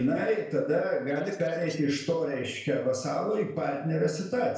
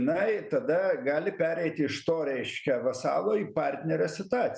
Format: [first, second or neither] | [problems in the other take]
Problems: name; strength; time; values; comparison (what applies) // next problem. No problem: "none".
second | noise reduction (neural separator model SepFormer DNS4)